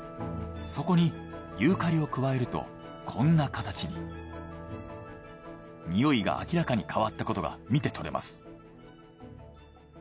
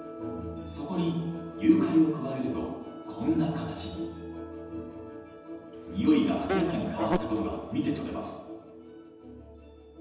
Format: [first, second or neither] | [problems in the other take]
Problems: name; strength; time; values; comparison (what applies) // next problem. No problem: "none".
first | background sound (Insect); 5 dB below the speech // room echo; dies away in 1.1 s